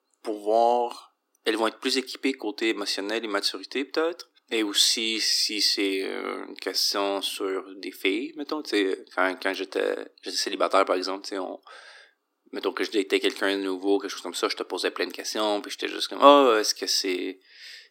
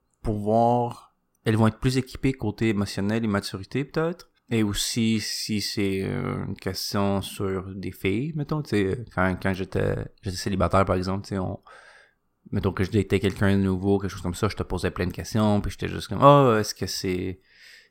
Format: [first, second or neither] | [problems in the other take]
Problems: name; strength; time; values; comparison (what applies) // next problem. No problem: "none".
second | thin; somewhat; fading below 300 Hz